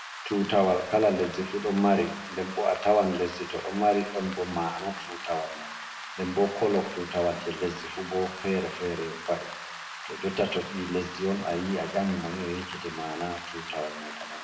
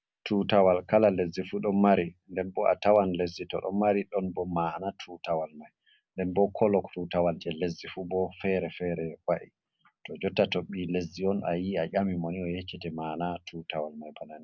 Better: second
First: background sound (Rain); 11 dB below the speech // room echo; dies away in 0.8 s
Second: none

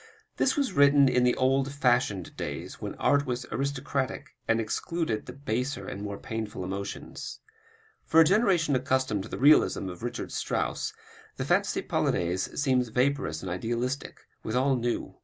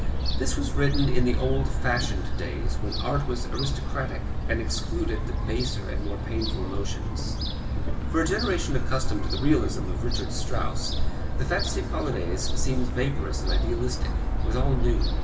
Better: first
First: none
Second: background sound (Gull, seagull / Fowl); 5 dB above the speech // room echo; dies away in 0.8 s

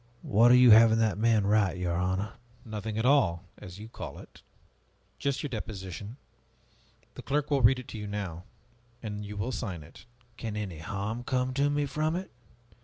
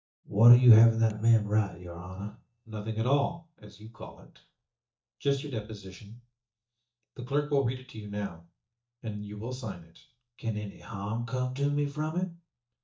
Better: first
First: none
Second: noise reduction (neural mask model DeepFilterNet 3)

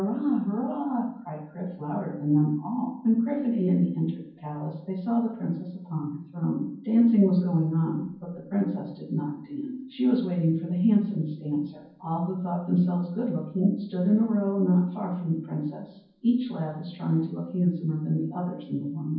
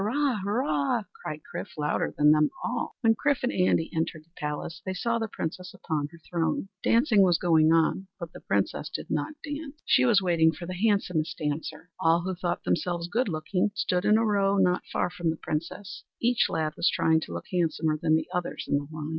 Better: second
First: room echo; dies away in 0.9 s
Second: none

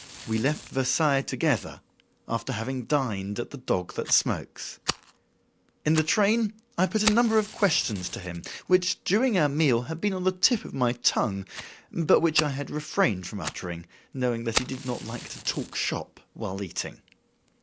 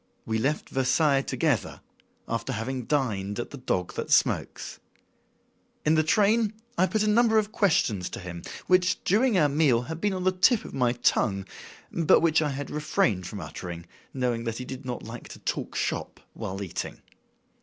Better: second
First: background sound (Fire); 14 dB below the speech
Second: none

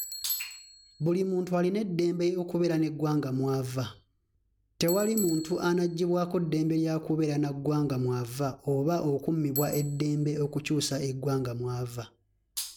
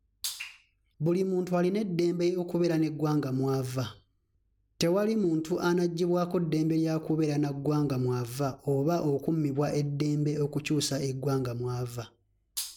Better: second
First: background sound (Bicycle); 16 dB below the speech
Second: none

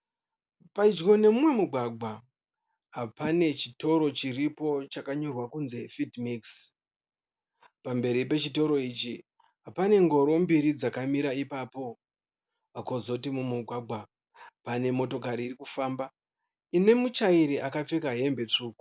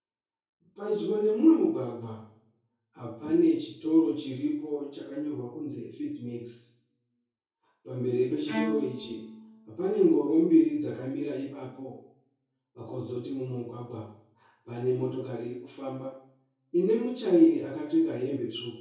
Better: first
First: none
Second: background sound (Bowed string instrument); 11 dB below the speech // room echo; dies away in 0.6 s

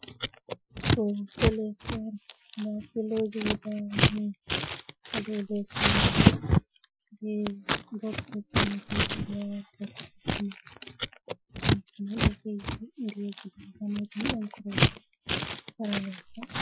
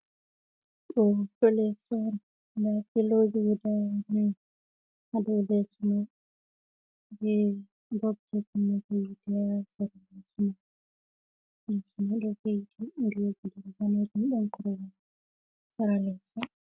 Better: second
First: noise reduction (classical method Wiener filter)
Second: none

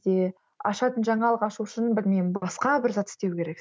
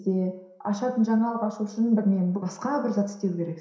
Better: first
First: none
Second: room echo; dies away in 0.7 s

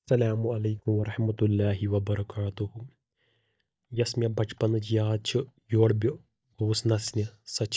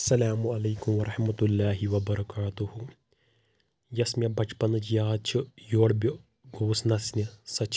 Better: second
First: noise reduction (neural mask model DeepFilterNet 3)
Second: none

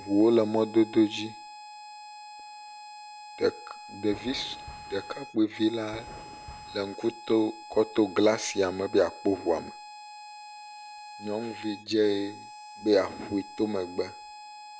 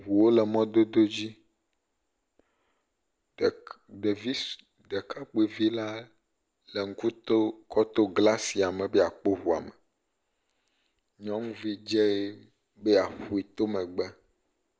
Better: second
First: background sound (Thunder + Harmonica); 15 dB below the speech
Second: none

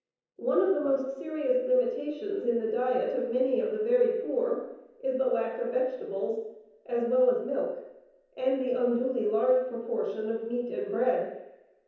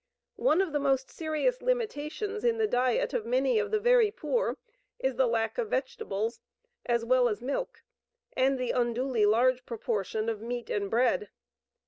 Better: second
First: room echo; dies away in 0.9 s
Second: none

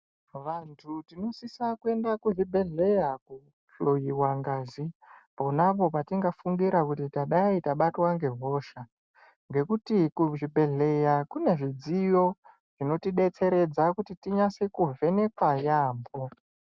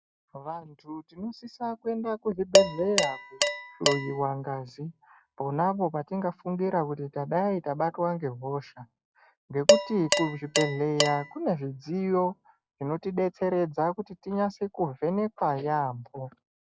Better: first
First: none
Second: noise reduction (classical method log-MMSE)

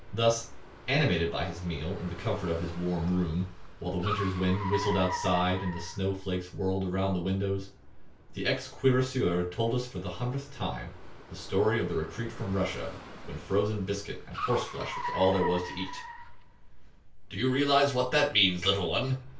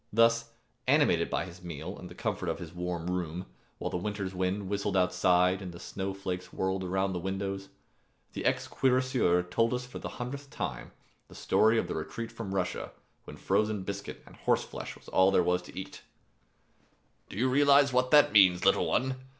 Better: second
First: background sound (Car); 13 dB below the speech // room echo; dies away in 0.2 s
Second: none

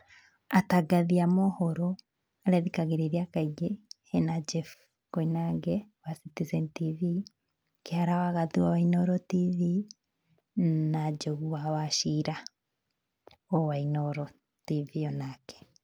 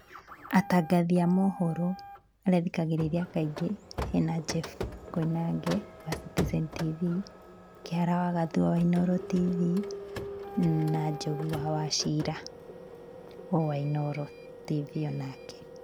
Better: first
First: none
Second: background sound (Printer); 11 dB below the speech

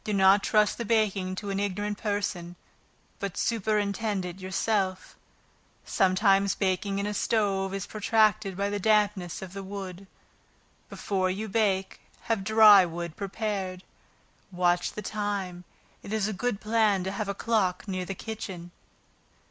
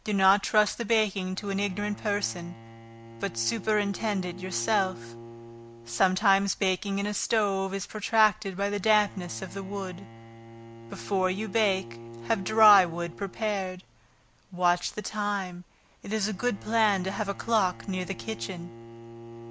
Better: first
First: none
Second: background sound (Bowed string instrument); 17 dB below the speech

